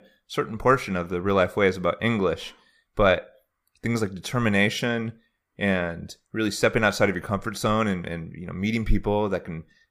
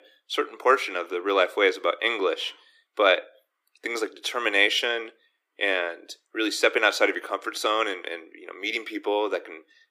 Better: first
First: none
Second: thin; very; fading below 300 Hz

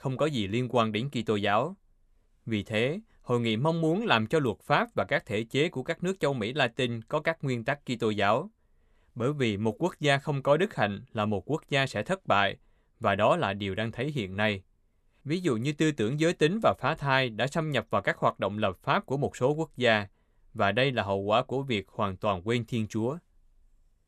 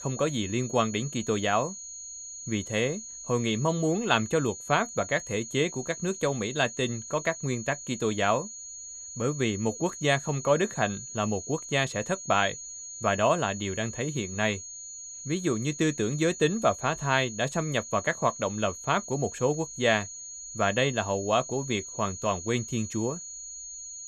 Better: first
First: none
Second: high-pitched whine; noticeable; throughout; 6.5 kHz, 10 dB below the speech

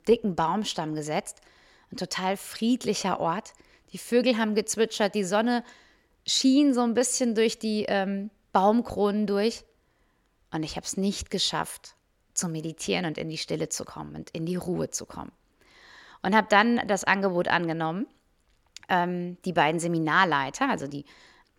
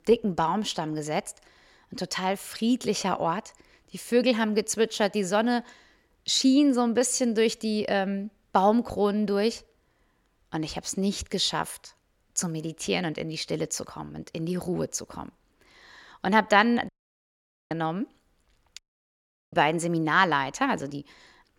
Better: first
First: none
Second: audio cutting out; at 17 s for 1 s and at 19 s for 0.5 s

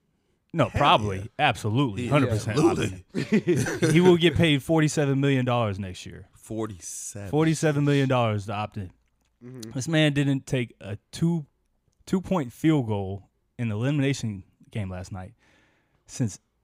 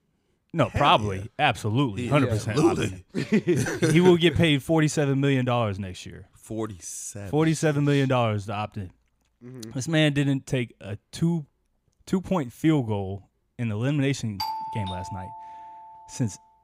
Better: first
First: none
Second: doorbell; noticeable; from 14 to 16 s; peak 6 dB below the speech

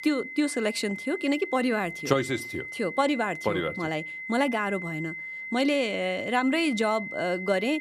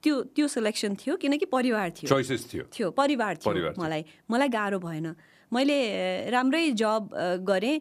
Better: second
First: high-pitched whine; loud; throughout; 2 kHz, 8 dB below the speech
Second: none

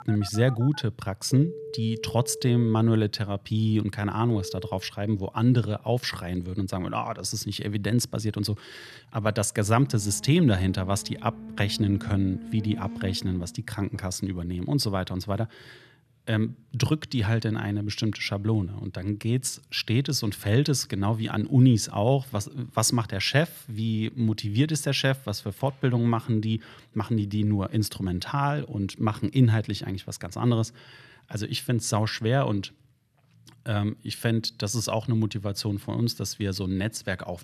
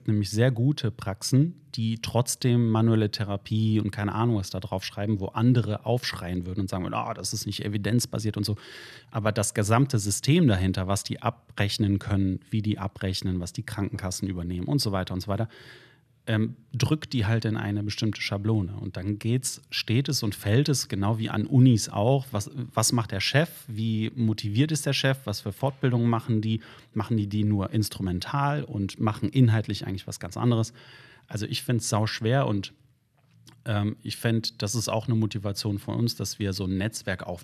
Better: second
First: alarms or sirens; noticeable; until 13 s; 15 dB below the speech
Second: none

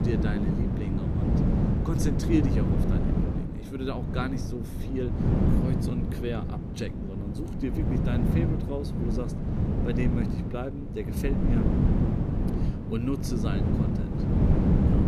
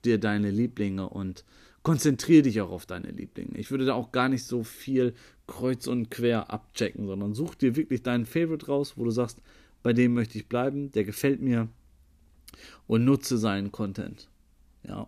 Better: second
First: wind noise on the microphone; heavy; 1 dB above the speech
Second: none

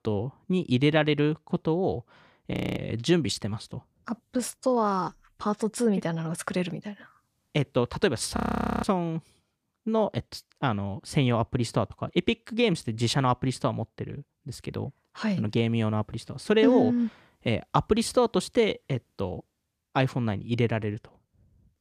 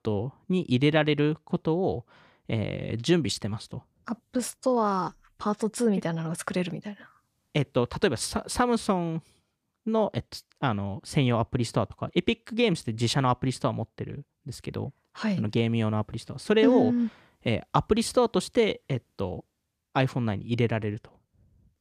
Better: second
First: audio freezing; at 2.5 s and at 8.5 s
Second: none

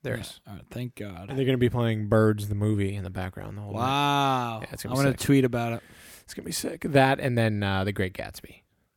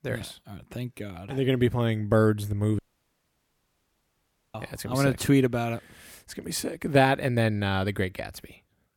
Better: first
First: none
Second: audio cutting out; at 3 s for 2 s

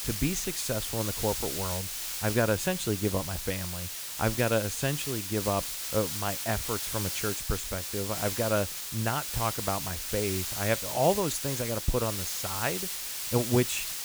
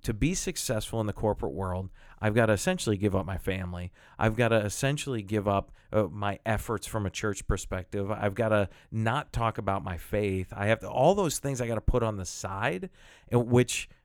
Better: second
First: hiss; loud; throughout; 2 dB below the speech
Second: none

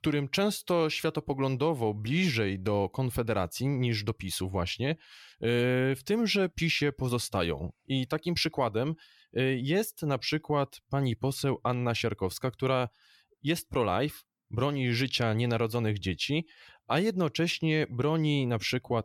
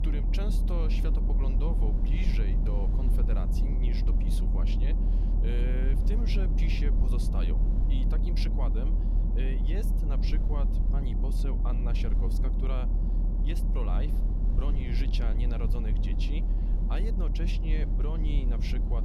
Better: first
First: none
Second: low rumble; loud; throughout; 2 dB below the speech

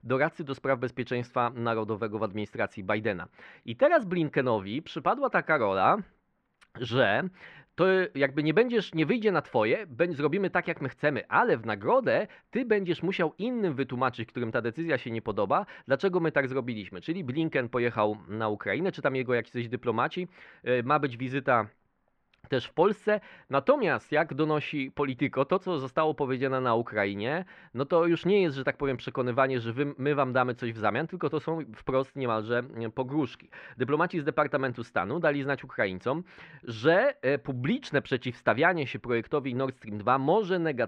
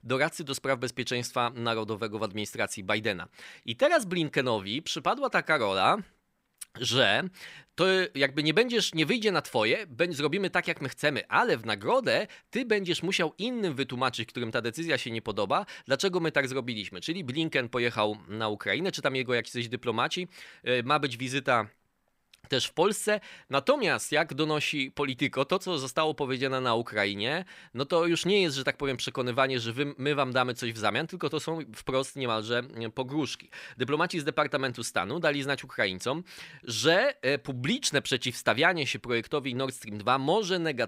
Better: second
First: muffled; very; fading above 1.5 kHz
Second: none

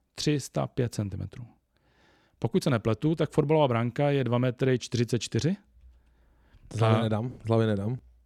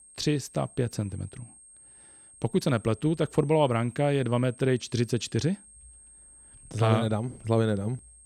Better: first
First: none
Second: high-pitched whine; faint; throughout; 8.5 kHz, 25 dB below the speech

